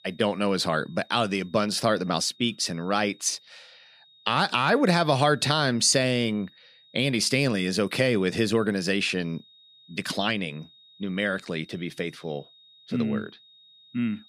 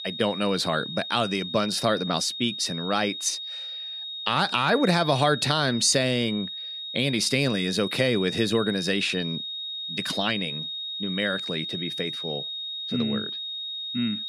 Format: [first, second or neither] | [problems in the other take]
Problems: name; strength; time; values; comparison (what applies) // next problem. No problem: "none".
first | high-pitched whine; loud; throughout; 3.5 kHz, 6 dB below the speech; faint in the first